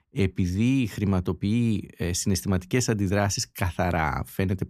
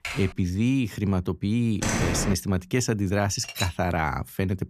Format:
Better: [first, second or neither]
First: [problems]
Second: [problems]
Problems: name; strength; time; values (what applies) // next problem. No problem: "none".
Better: first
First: none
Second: keyboard typing; noticeable; at the start; peak 8 dB below the speech // door banging; loud; at 2 s; peak 1 dB above the speech // clattering dishes; noticeable; at 3.5 s; peak 6 dB below the speech